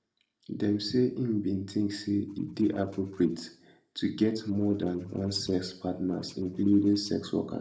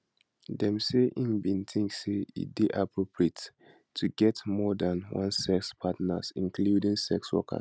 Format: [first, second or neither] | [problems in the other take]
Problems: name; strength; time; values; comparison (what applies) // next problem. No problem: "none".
second | noise reduction (neural separator model SepFormer DNS4)